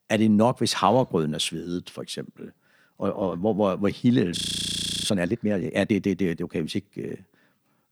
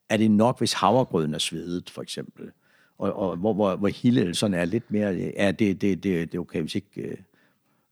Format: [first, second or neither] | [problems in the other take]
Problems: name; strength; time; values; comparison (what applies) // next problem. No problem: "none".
second | audio freezing; at 4.5 s for 0.5 s